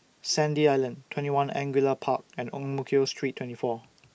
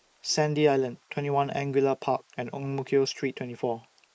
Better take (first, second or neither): first